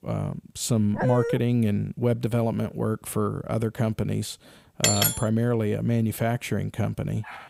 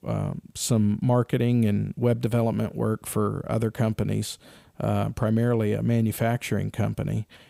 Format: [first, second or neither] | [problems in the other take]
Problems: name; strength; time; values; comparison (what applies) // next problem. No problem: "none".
second | dog barking; noticeable; at 1 s; peak 2 dB below the speech // clattering dishes; loud; at 5 s; peak 5 dB above the speech // dog barking; very faint; at 7 s; peak 15 dB below the speech